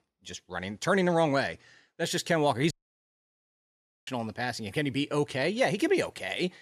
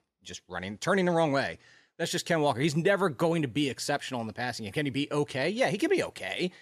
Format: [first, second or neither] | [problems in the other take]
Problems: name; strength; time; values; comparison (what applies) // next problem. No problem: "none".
second | audio cutting out; at 2.5 s for 1.5 s